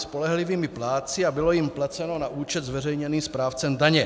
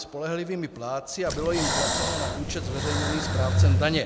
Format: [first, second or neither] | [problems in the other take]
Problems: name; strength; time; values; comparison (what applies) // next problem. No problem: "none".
first | background sound (Breathing); 5 dB above the speech